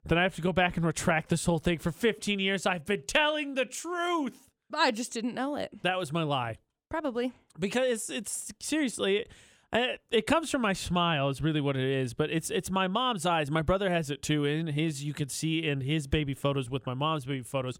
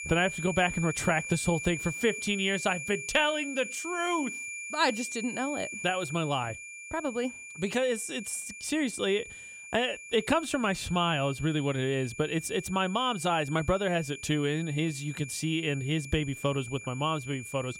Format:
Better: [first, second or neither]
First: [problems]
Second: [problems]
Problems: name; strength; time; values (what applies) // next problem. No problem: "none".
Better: first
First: none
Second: high-pitched whine; loud; throughout; 2.5 kHz, 9 dB below the speech